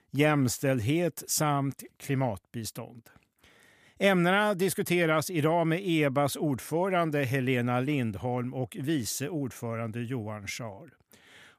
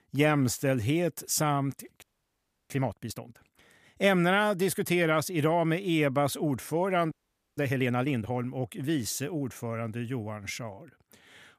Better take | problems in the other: first | audio freezing; at 2 s for 0.5 s and at 7 s

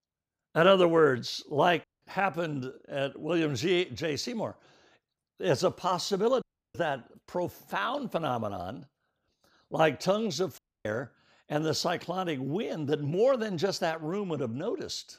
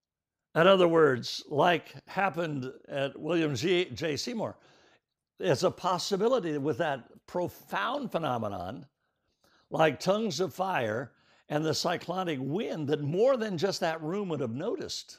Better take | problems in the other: second | audio cutting out; at 2 s, at 6.5 s and at 11 s

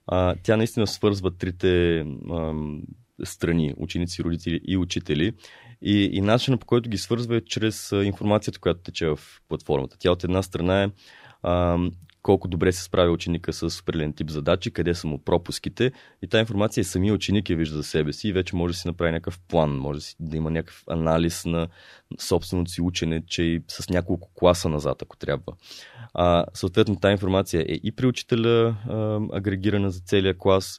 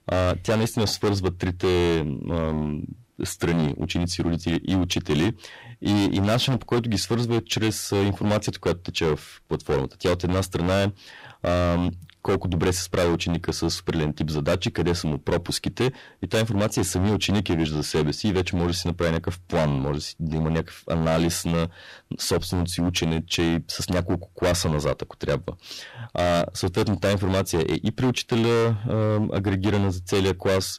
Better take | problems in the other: first | distortion; heavy; 15% of the sound clipped

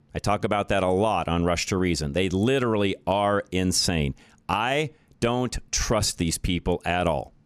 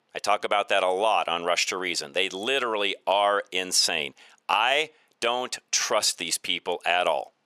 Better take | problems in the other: first | thin; very; fading below 650 Hz

